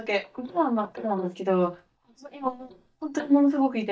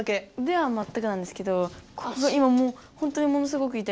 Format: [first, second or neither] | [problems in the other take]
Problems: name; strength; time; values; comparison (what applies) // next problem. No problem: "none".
second | noise reduction (neural mask model DeepFilterNet 3)